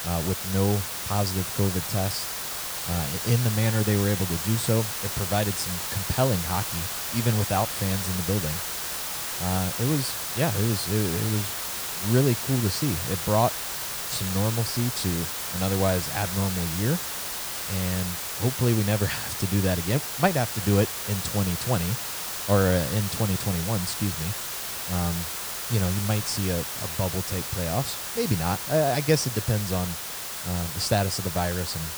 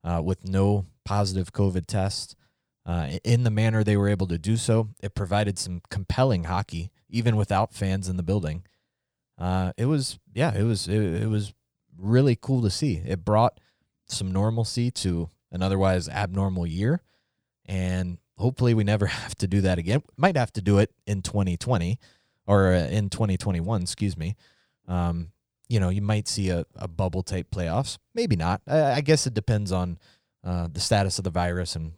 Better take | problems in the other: second | hiss; loud; throughout; 2 dB below the speech

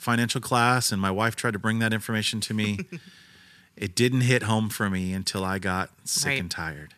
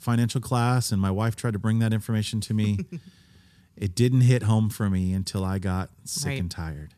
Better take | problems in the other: second | thin; somewhat; fading below 350 Hz

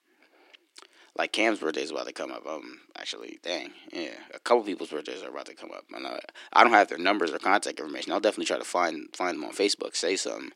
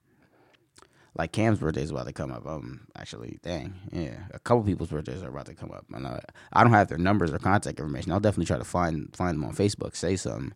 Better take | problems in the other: second | thin; somewhat; fading below 300 Hz

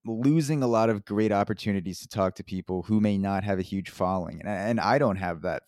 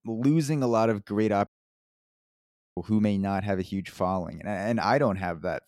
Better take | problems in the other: first | audio cutting out; at 1.5 s for 1.5 s

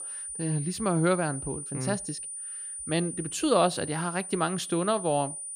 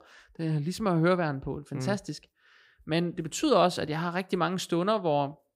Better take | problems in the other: second | high-pitched whine; loud; throughout; 9.5 kHz, 7 dB below the speech

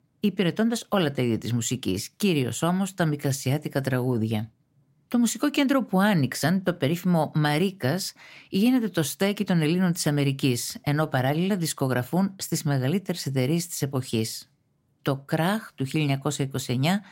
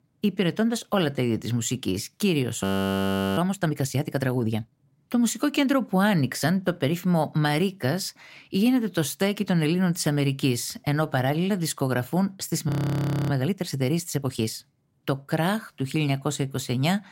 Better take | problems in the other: first | audio freezing; at 2.5 s for 0.5 s and at 13 s for 0.5 s

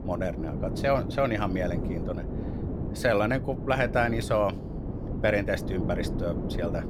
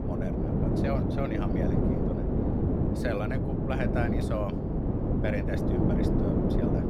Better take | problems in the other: first | wind noise on the microphone; heavy; 3 dB above the speech; occasional gusts in the first

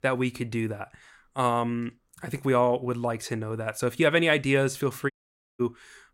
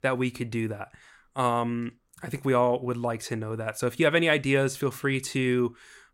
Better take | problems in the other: second | audio cutting out; at 5 s

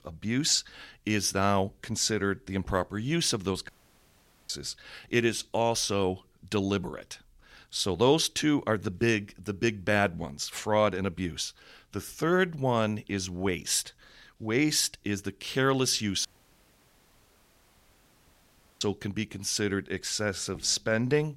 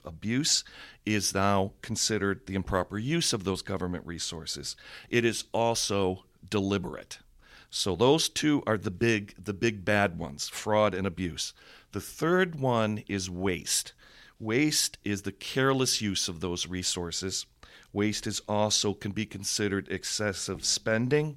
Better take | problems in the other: second | audio cutting out; at 3.5 s for 1 s and at 16 s for 2.5 s

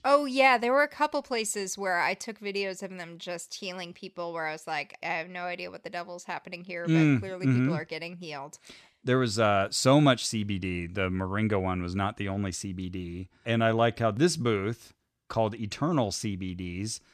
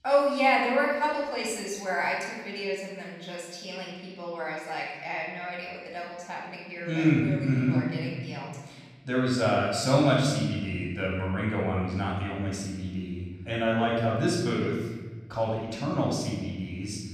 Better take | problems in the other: first | room echo; noticeable; dies away in 1.4 s // off-mic speech; far

